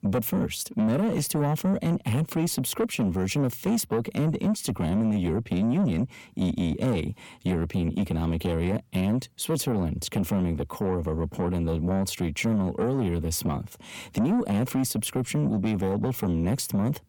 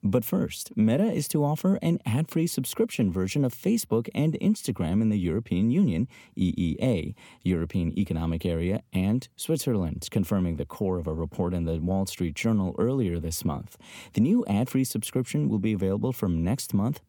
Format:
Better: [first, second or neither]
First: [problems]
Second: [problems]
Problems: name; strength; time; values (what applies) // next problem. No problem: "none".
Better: second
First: distortion; slight; 10 dB below the speech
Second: none